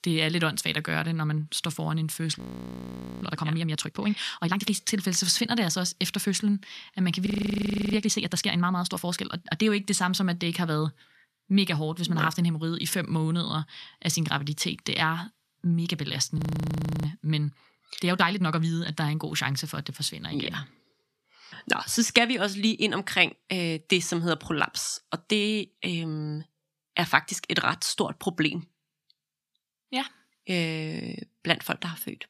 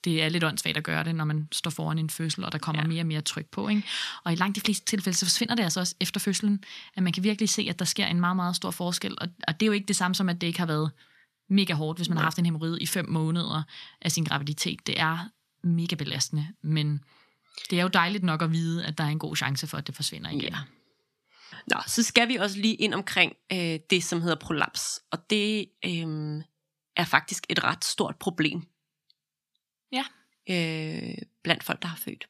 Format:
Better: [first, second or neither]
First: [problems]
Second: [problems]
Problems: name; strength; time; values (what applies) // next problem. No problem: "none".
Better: second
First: audio freezing; at 2.5 s for 1 s, at 7.5 s for 0.5 s and at 16 s for 0.5 s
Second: none